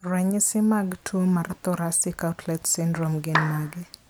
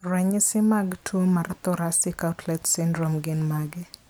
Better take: second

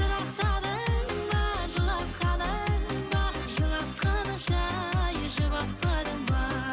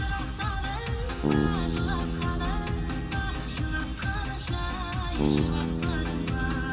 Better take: first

